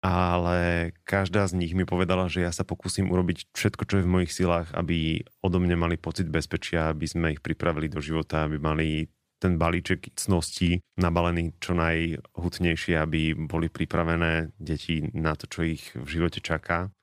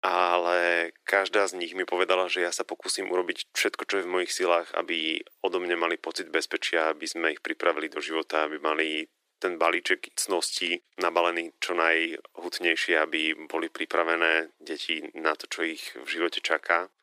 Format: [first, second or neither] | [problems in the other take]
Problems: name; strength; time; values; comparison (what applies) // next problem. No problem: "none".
first | thin; very; fading below 350 Hz